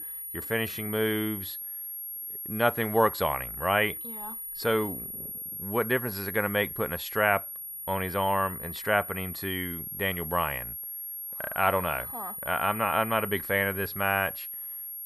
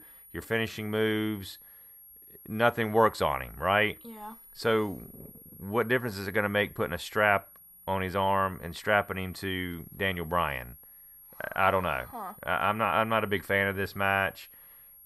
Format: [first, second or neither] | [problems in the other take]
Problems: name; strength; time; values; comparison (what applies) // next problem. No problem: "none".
second | high-pitched whine; loud; throughout; 11.5 kHz, 7 dB below the speech; faint in the second